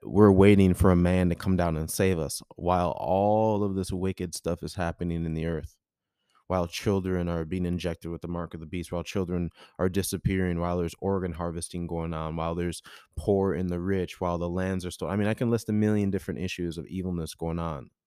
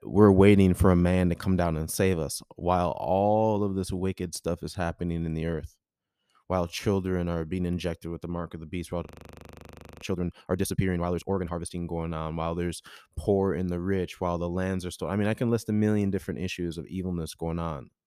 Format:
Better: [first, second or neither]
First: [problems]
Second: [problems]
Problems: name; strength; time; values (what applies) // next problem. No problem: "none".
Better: first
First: none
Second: audio freezing; at 9 s for 1 s